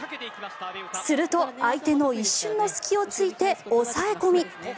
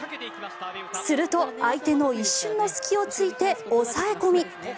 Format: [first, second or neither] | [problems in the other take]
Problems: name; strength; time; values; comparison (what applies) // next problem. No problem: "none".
first | background sound (Wind instrument, woodwind instrument); 16 dB below the speech